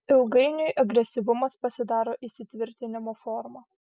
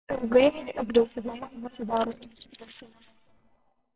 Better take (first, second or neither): first